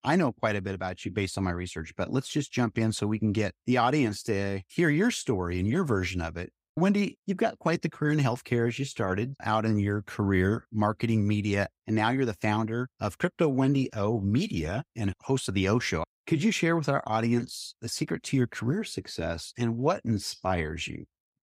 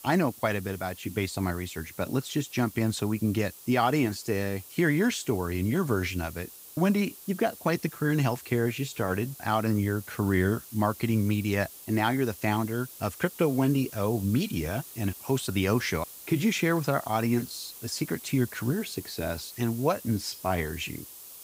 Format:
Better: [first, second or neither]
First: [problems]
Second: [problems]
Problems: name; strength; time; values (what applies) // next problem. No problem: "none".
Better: first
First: none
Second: hiss; noticeable; throughout; 15 dB below the speech